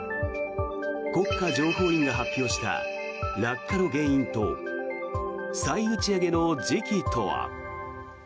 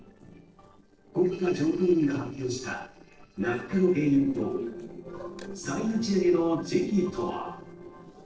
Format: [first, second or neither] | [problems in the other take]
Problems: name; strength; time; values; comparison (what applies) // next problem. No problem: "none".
first | noise reduction (neural separator model SepFormer DNS4)